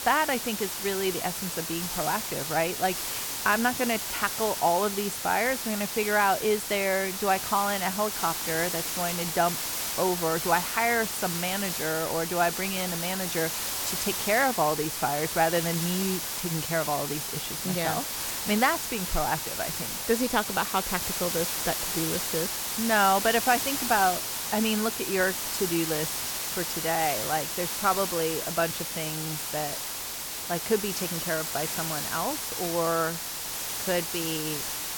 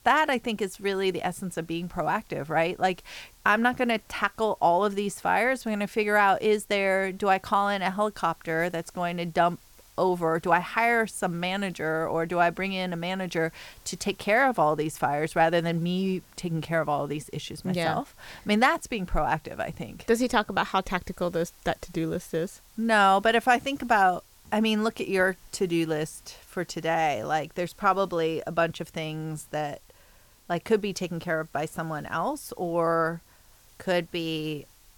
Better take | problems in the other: second | hiss; loud; throughout; 1 dB below the speech; faint in the second

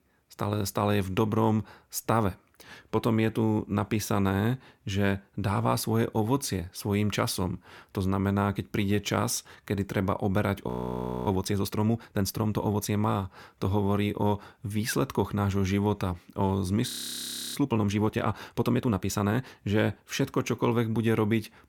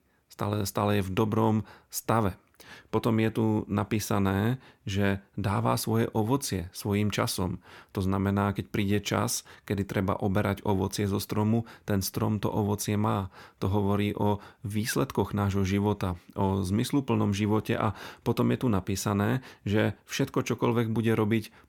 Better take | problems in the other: second | audio freezing; at 11 s for 0.5 s and at 17 s for 0.5 s

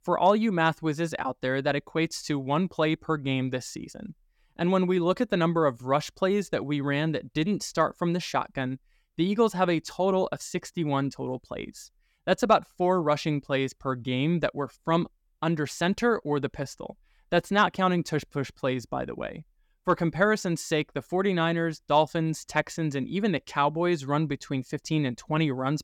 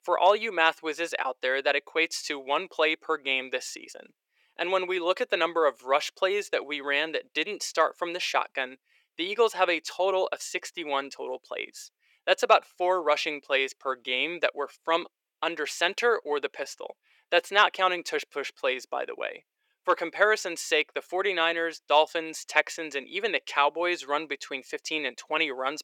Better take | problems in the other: first | thin; very; fading below 450 Hz

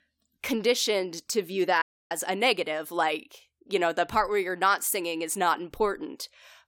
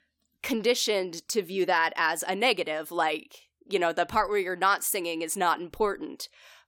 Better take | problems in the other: second | audio cutting out; at 2 s

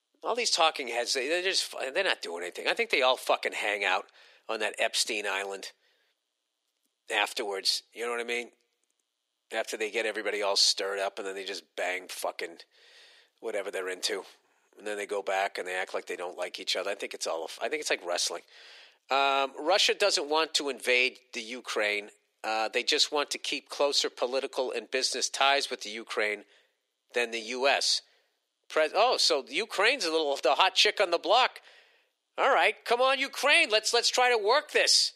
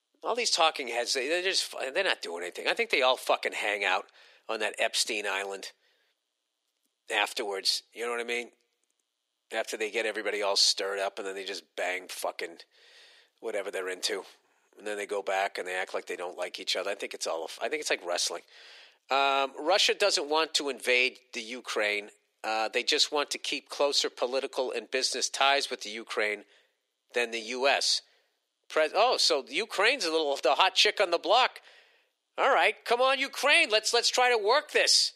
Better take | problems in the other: neither | thin; very; fading below 450 Hz; the same in both

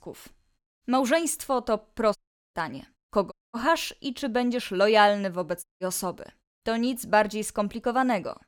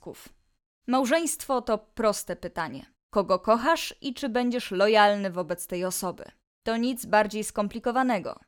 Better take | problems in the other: second | audio cutting out; at 2 s, at 3.5 s and at 5.5 s

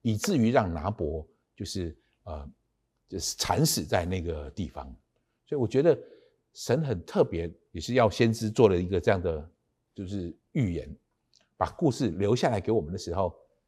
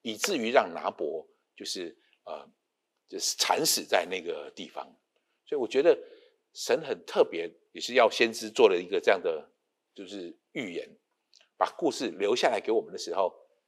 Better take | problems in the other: first | thin; somewhat; fading below 350 Hz

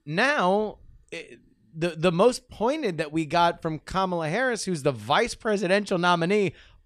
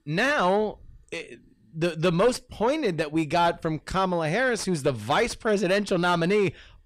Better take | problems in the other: first | distortion; slight; 9 dB below the speech

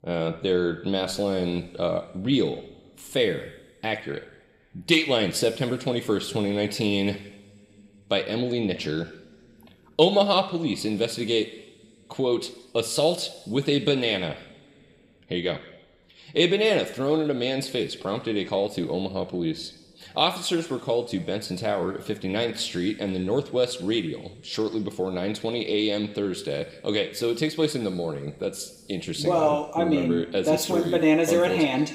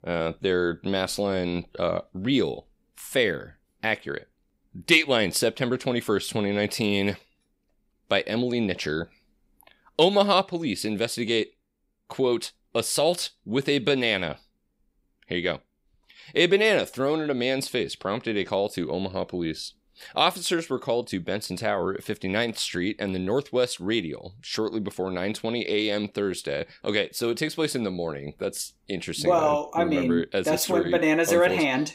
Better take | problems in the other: second | room echo; very slight; dies away in 2.3 s

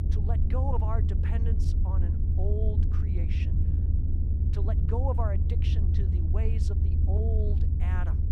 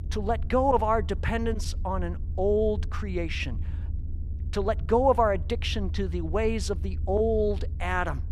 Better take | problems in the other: second | low rumble; loud; throughout; 3 dB below the speech; faint in the second

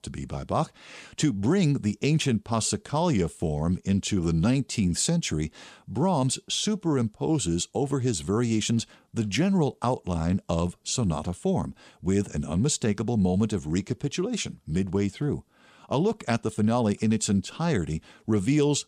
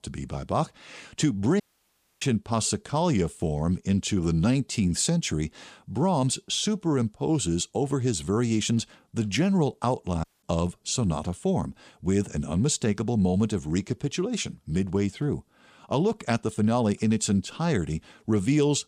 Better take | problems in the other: first | audio cutting out; at 1.5 s for 0.5 s and at 10 s

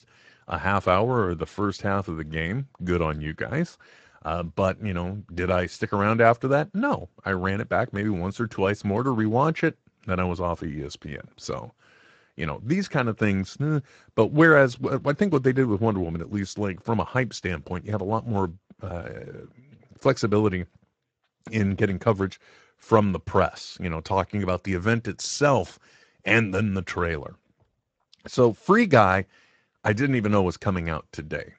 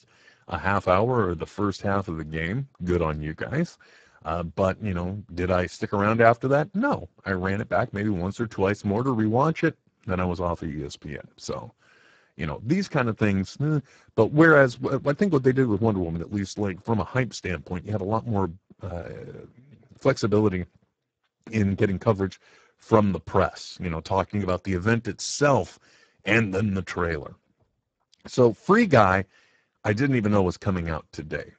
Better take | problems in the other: first | garbled, watery; badly; nothing above 7.5 kHz; slightly in the first

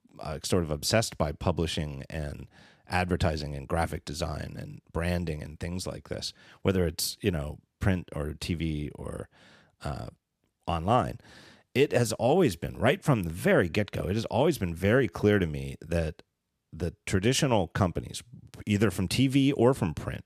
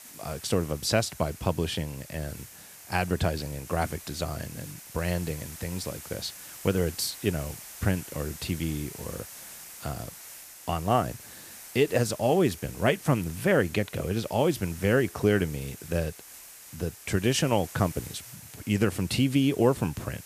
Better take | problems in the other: first | hiss; noticeable; throughout; 15 dB below the speech

